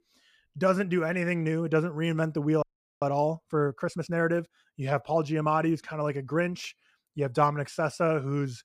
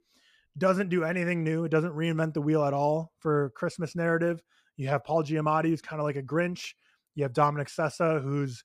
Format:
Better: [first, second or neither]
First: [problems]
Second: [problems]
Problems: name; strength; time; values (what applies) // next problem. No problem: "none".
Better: second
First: audio freezing; at 2.5 s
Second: none